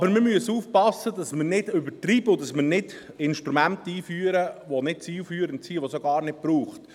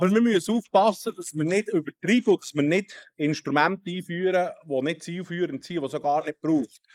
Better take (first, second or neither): first